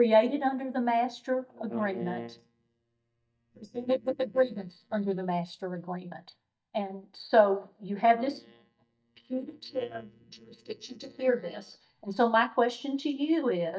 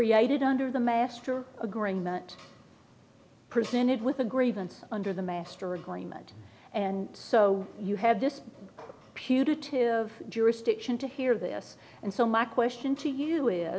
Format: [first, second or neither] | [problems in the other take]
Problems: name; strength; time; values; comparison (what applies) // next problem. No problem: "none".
second | noise reduction (neural mask model DeepFilterNet 3)